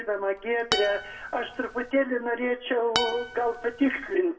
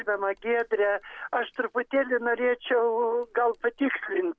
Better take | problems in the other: second | background sound (Acoustic guitar); 7 dB below the speech // room echo; dies away in 0.6 s

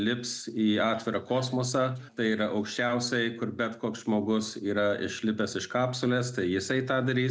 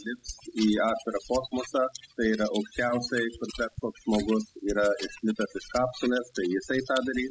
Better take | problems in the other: first | noise reduction (classical method spectral subtraction)

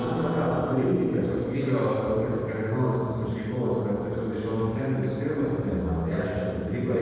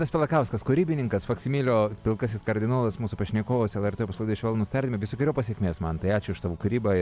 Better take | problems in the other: second | noise reduction (neural separator model SepFormer DNS4)

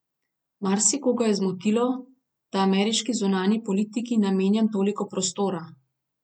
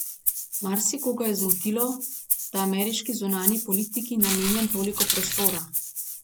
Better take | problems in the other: first | background sound (Walk, footsteps + Rattle (instrument)); as loud as the speech

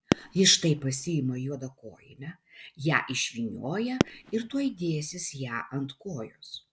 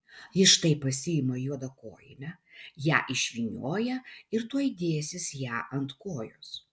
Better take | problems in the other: second | background sound (Fireworks); 4 dB below the speech

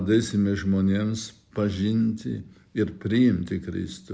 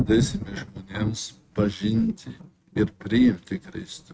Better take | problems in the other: first | noise reduction (neural mask model RNNoise)

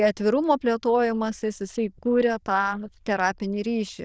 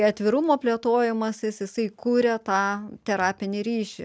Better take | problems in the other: second | noise reduction (neural diffusion model UNIVERSE++)

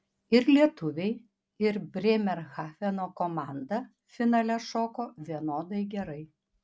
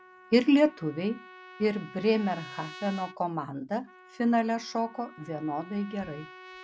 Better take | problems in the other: first | background sound (Trumpet); 19 dB below the speech

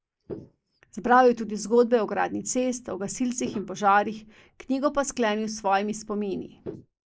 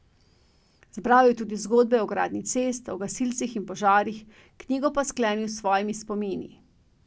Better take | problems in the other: second | noise reduction (neural mask model Resemble Enhance denoiser)

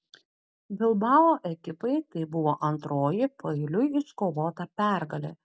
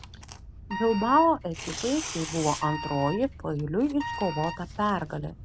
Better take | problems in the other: first | background sound (Wind instrument, woodwind instrument + Tearing); 10 dB below the speech

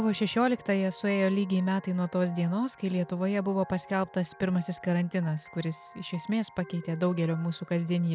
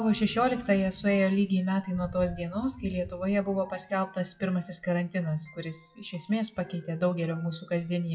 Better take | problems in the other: first | noise reduction (classical method WPE with log-MMSE)

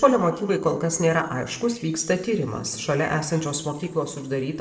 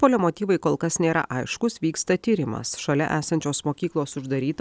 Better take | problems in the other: second | noise reduction (neural separator model SepFormer DNS4)

